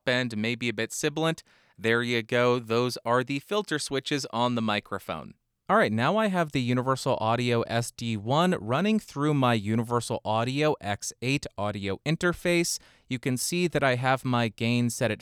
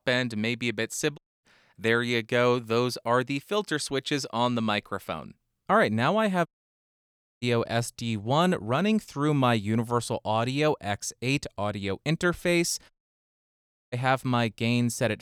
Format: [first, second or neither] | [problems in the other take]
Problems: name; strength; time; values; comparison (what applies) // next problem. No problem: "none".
first | audio cutting out; at 1 s, at 6.5 s for 1 s and at 13 s for 1 s